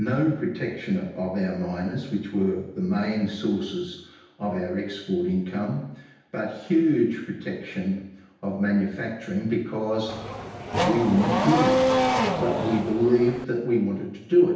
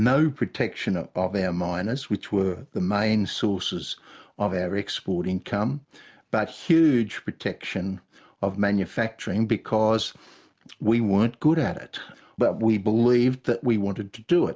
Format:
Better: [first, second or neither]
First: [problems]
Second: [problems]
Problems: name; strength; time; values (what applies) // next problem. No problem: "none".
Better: second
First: background sound (Race car, auto racing / Accelerating, revving, vroom); 1 dB above the speech // room echo; dies away in 0.9 s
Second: none